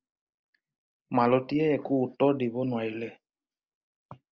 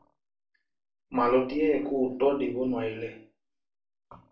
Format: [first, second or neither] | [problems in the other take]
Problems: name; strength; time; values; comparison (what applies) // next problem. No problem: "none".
first | room echo; dies away in 0.4 s